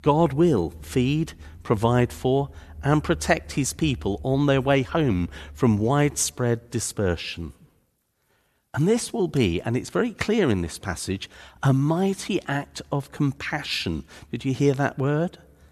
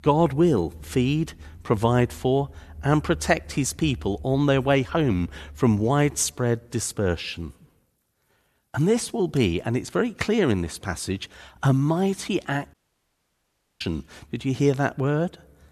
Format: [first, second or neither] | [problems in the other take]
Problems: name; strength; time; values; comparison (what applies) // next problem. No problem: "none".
first | audio cutting out; at 13 s for 1 s